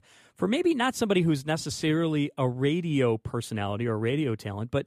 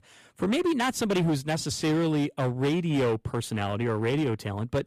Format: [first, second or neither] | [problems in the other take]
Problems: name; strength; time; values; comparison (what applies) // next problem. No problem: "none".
first | distortion; slight; 14% of the sound clipped